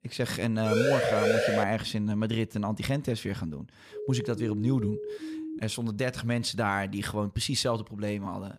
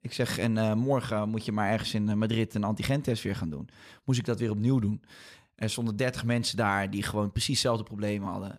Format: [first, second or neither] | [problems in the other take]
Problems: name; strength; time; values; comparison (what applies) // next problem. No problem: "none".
second | siren; loud; at 0.5 s; peak 5 dB above the speech // siren; noticeable; from 4 to 5.5 s; peak 7 dB below the speech